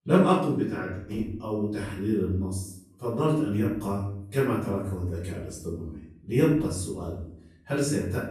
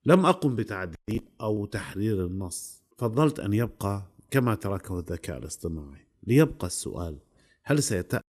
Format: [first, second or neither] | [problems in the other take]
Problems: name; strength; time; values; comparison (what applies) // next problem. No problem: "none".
second | room echo; noticeable; dies away in 0.6 s // off-mic speech; far